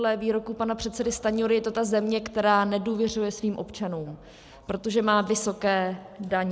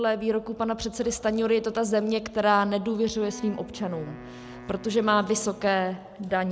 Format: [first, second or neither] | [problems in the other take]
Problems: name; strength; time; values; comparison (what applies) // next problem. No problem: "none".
first | background sound (Wind instrument, woodwind instrument); 18 dB below the speech